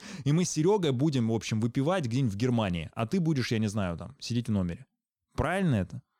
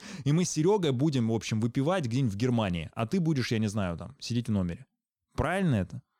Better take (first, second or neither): neither